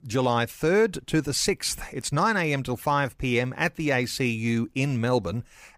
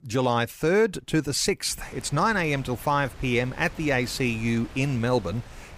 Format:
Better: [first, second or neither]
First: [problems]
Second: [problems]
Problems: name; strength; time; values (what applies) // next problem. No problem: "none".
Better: first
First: none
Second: wind noise on the microphone; occasional gusts; from 2 s on; 20 dB below the speech